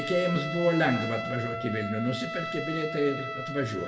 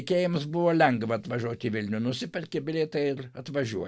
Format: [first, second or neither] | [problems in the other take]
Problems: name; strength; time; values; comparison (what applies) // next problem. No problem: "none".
second | background sound (Trumpet); 6 dB below the speech // room echo; dies away in 1 s